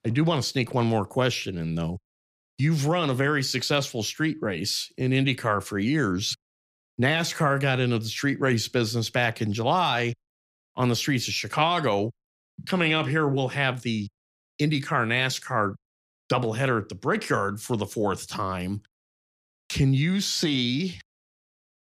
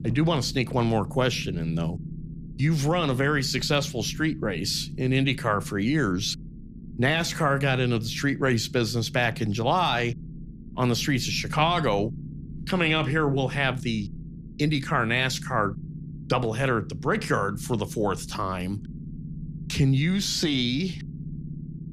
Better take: first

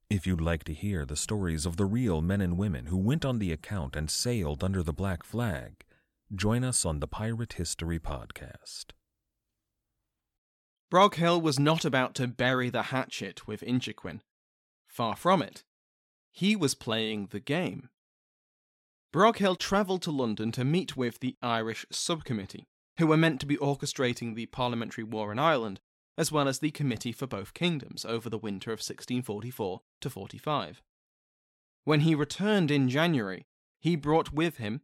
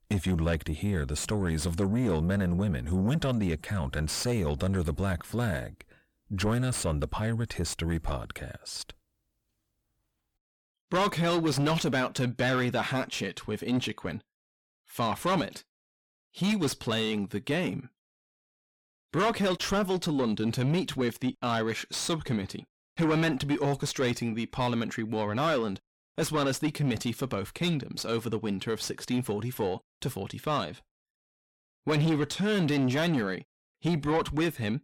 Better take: first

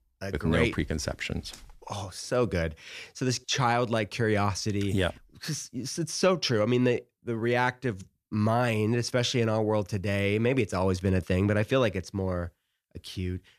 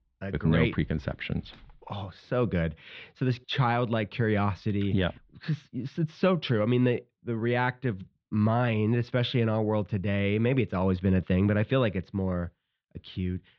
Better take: first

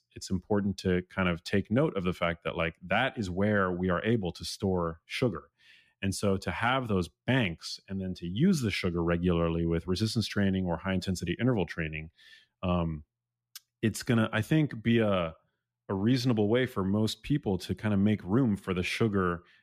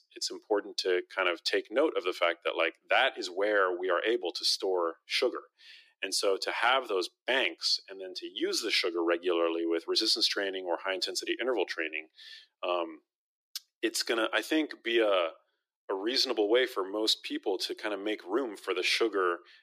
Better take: first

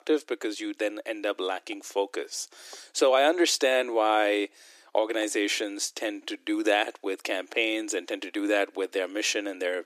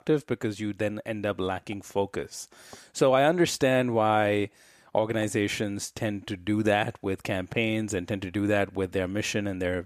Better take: second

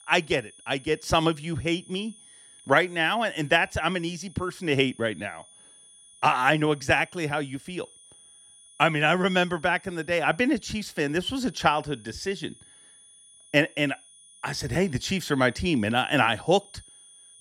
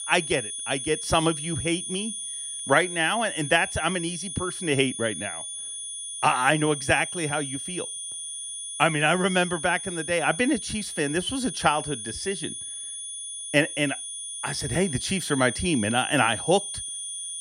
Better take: first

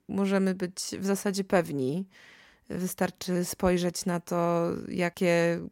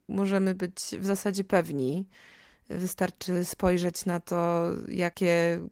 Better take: first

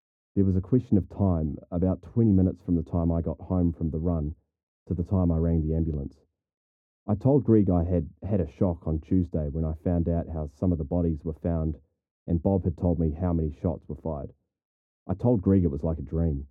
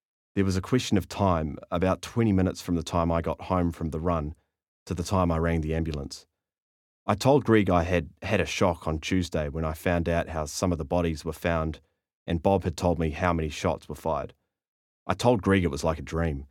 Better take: second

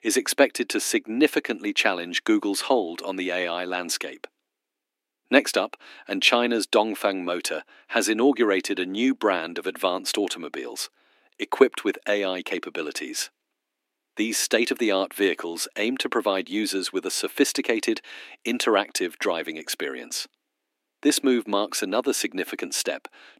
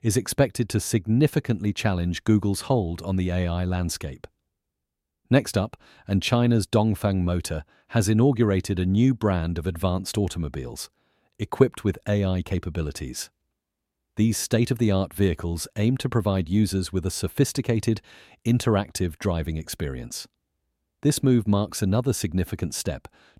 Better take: second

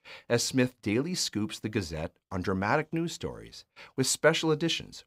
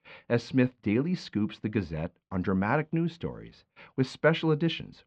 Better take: first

